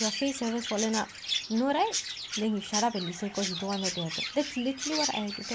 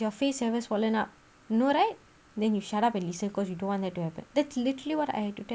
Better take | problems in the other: second | background sound (Chirp, tweet); 4 dB below the speech

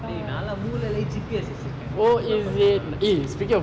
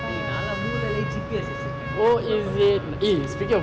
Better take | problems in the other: first | background sound (Trumpet); 10 dB below the speech

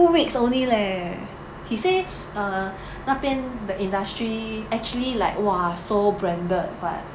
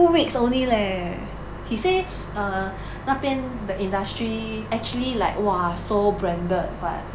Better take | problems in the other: first | background sound (Microwave oven); 13 dB below the speech

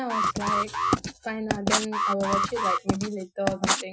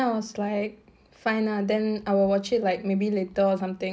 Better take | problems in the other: second | noise reduction (classical method Wiener filter)

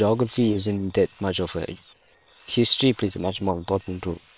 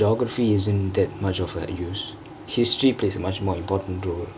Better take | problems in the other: second | noise reduction (neural separator model SepFormer WHAM!)

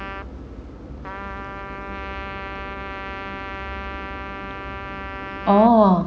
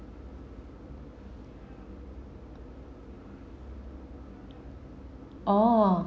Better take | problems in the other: second | background sound (Trumpet); 10 dB below the speech

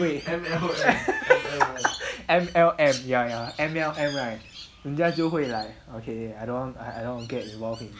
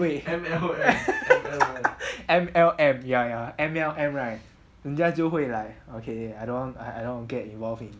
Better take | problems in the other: second | background sound (Crow); 16 dB below the speech

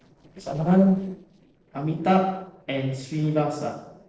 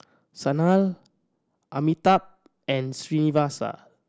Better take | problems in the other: second | noise reduction (neural separator model SepFormer DNS4)

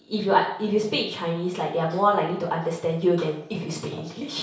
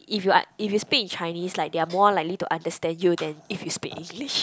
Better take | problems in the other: second | room echo; dies away in 0.6 s

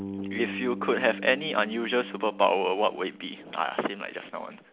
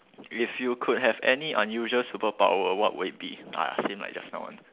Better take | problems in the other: second | background sound (Bass guitar); 12 dB below the speech

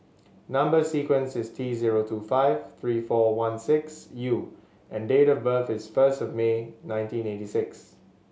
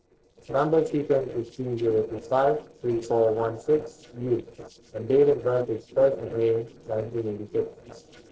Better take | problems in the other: first | noise reduction (neural separator model SepFormer DNS4)

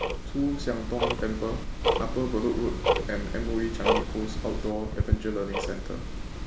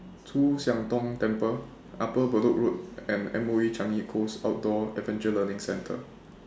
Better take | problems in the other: second | background sound (Tick-tock); 2 dB above the speech

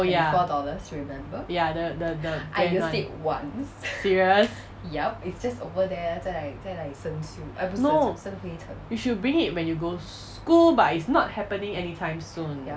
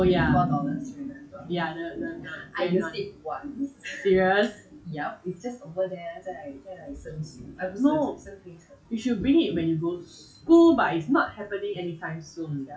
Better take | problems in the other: first | noise reduction (classical method WPE with log-MMSE)

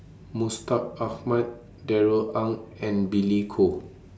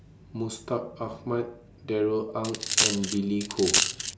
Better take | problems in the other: first | background sound (Coin (dropping)); 4 dB above the speech

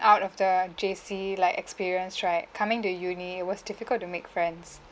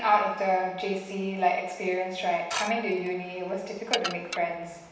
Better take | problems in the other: first | background sound (Dishes, pots, and pans / Glass); 8 dB below the speech // room echo; dies away in 0.9 s

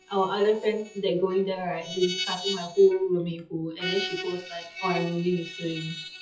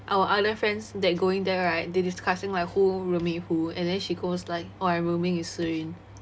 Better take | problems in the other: second | noise reduction (classical method WPE with log-MMSE)

